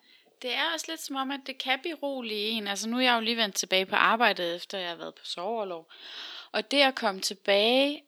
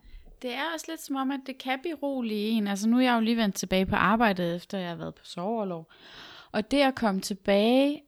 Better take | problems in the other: second | thin; somewhat; fading below 300 Hz

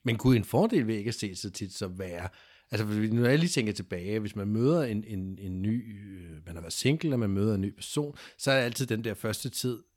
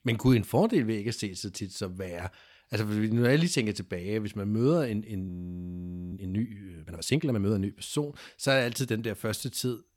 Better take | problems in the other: first | audio freezing; at 5.5 s for 1 s

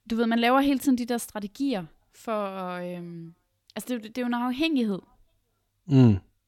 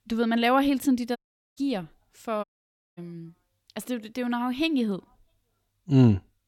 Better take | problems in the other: first | audio cutting out; at 1 s and at 2.5 s for 0.5 s

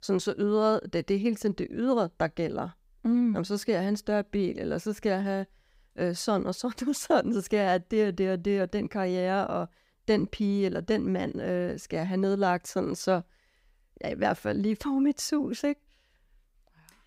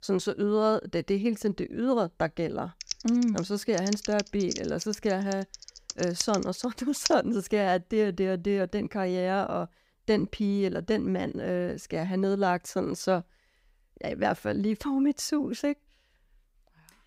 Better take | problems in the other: first | keyboard typing; noticeable; from 3 to 7 s; peak 3 dB below the speech

